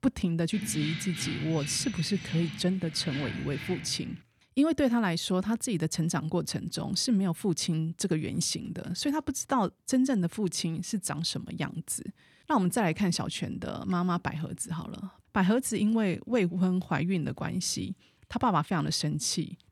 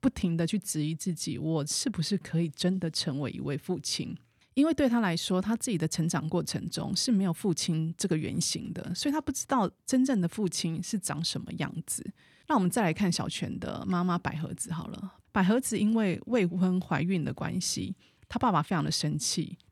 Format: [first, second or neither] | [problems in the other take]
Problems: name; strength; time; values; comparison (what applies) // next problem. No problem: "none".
second | jangling keys; noticeable; from 0.5 to 4 s; peak 5 dB below the speech